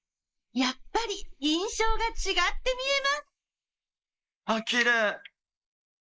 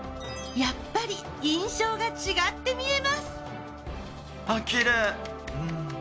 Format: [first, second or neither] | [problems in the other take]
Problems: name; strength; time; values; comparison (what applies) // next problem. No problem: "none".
second | noise reduction (neural mask model Resemble Enhance denoiser)